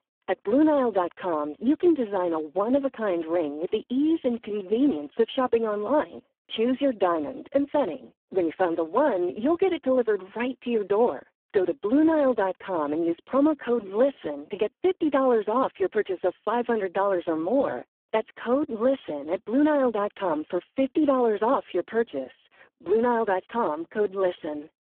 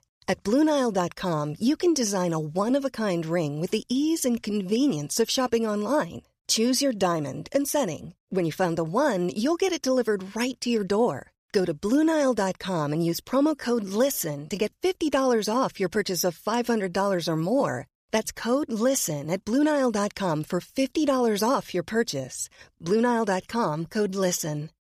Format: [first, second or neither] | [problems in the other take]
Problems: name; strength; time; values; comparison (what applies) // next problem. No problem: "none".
second | phone-call audio; poor line